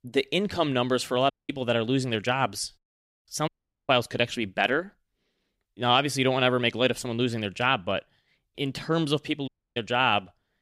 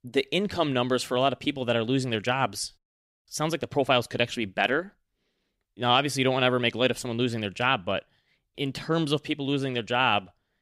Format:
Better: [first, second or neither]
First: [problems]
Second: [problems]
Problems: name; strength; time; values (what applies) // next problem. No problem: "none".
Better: second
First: audio cutting out; at 1.5 s, at 3.5 s and at 9.5 s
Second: none